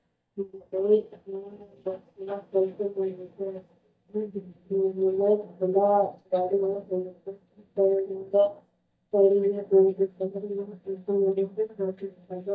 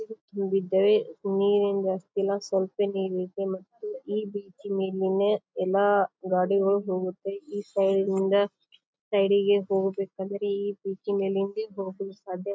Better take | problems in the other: second | noise reduction (neural mask model DeepFilterNet 3)

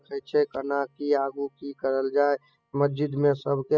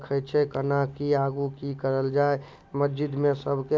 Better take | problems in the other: second | noise reduction (classical method spectral subtraction)

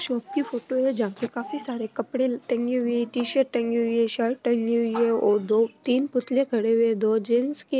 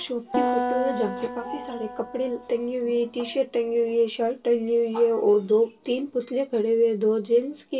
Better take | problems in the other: first | background sound (Acoustic guitar); 7 dB below the speech // room echo; dies away in 0.2 s

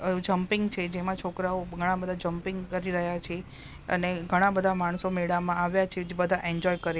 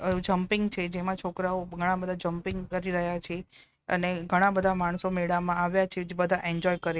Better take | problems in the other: first | noise reduction (neural mask model RNNoise)

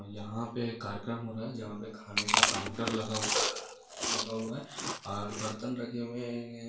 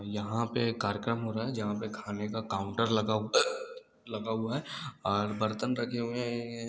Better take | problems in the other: second | background sound (Chewing, mastication); 4 dB above the speech // room echo; dies away in 0.2 s

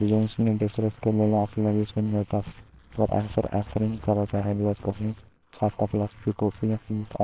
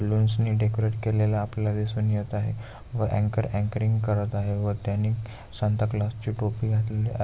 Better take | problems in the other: second | noise reduction (neural separator model SepFormer WHAMR!)

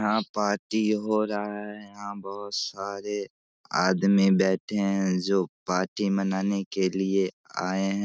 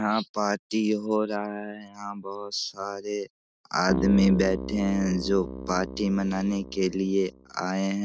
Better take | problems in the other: first | background sound (Keyboard (musical)); 7 dB below the speech

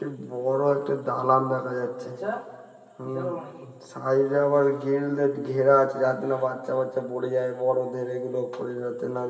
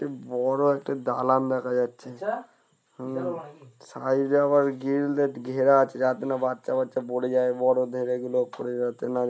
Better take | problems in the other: second | room echo; dies away in 2 s

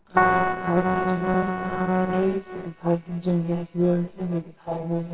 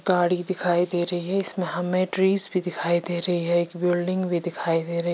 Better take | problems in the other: second | noise reduction (neural separator model SepFormer WHAMR!)

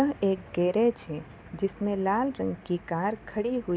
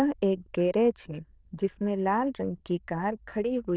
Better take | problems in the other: first | noise reduction (neural diffusion model UNIVERSE++)

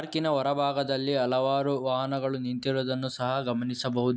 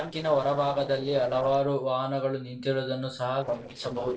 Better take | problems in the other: first | noise reduction (neural separator model SepFormer DNS4)

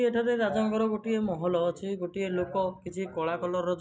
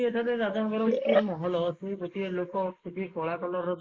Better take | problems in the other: first | noise reduction (neural mask model Resemble Enhance denoiser)

